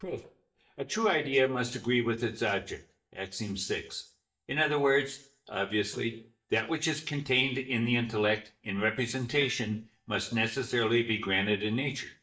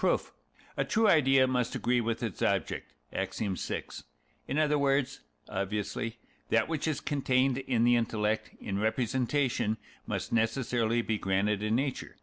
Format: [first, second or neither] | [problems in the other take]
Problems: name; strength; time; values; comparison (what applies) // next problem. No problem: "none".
second | noise reduction (neural mask model DeepFilterNet 3)